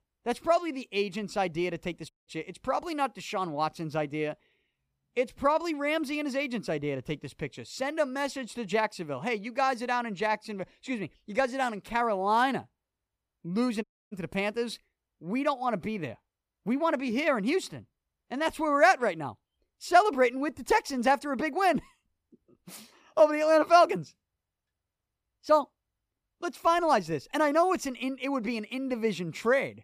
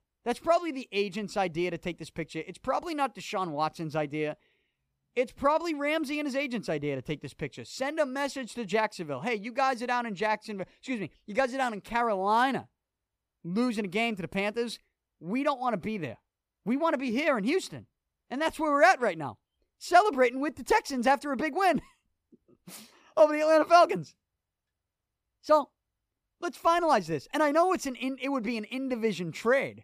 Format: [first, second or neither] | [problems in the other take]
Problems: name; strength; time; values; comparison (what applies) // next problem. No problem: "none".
second | audio cutting out; at 2 s and at 14 s